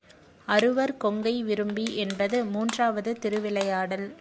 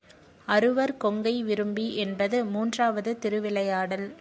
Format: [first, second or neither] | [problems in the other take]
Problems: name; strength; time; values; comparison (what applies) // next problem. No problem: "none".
second | background sound (Crushing + Shatter); 16 dB below the speech